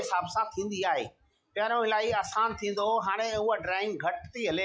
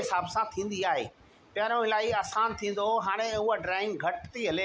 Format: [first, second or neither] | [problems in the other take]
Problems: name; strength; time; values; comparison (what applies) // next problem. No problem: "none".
second | noise reduction (classical method log-MMSE)